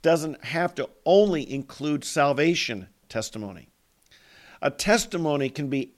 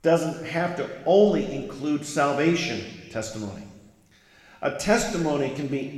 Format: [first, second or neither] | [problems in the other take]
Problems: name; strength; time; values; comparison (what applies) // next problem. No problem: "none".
first | room echo; noticeable; dies away in 1.2 s // off-mic speech; somewhat distant